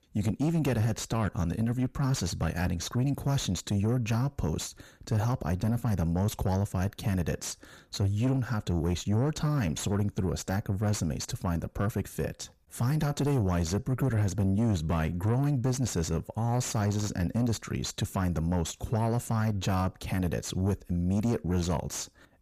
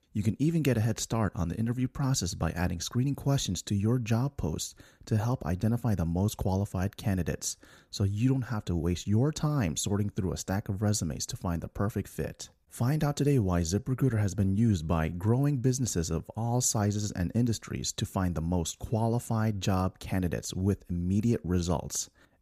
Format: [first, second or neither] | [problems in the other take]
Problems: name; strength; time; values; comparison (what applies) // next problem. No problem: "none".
second | distortion; slight; 9 dB below the speech